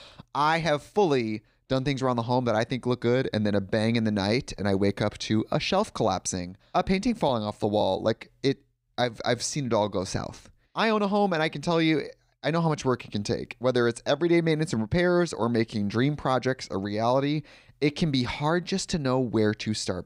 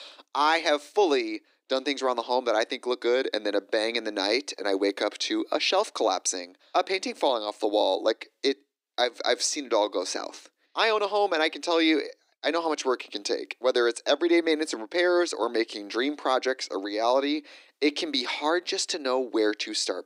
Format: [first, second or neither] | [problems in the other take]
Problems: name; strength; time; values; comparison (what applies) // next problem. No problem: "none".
first | thin; somewhat; fading below 300 Hz